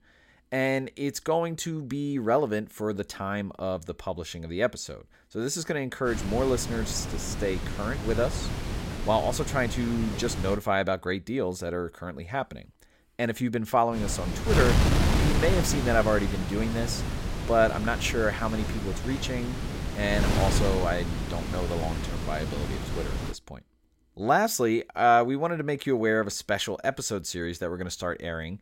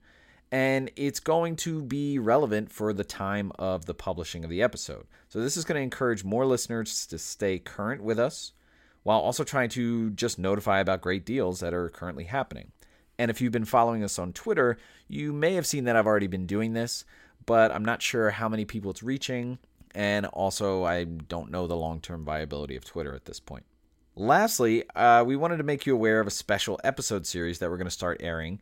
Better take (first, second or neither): second